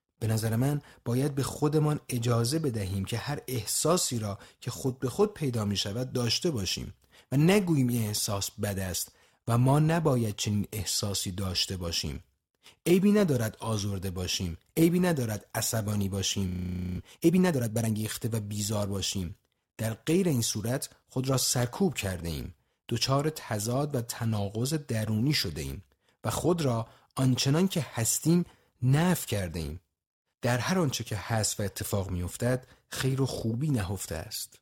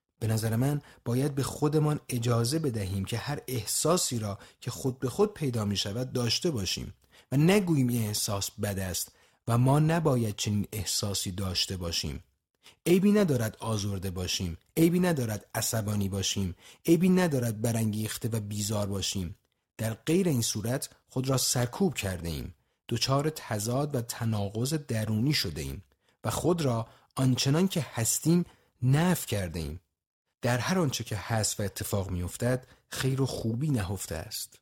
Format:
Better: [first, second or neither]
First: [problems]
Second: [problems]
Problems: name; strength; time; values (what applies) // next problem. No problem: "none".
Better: second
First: audio freezing; at 16 s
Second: none